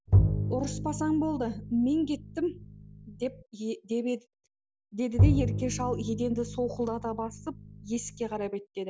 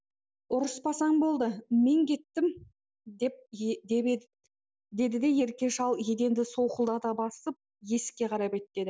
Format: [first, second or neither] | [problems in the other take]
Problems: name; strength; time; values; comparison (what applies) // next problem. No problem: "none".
second | background sound (Bowed string instrument); 2 dB above the speech